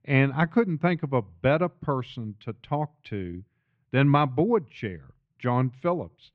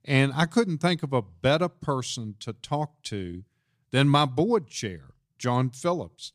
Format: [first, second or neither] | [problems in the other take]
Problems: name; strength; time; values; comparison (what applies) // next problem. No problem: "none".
second | muffled; very; fading above 2.5 kHz